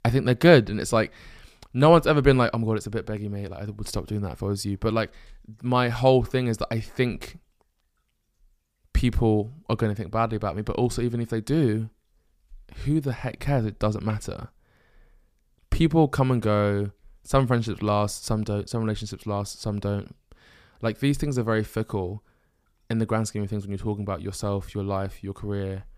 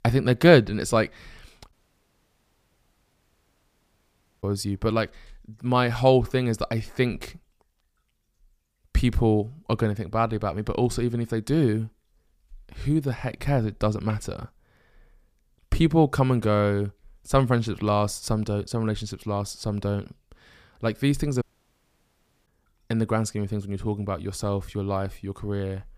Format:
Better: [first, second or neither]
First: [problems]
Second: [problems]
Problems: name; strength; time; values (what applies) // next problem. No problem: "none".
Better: first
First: none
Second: audio cutting out; at 1.5 s for 2.5 s and at 21 s for 1 s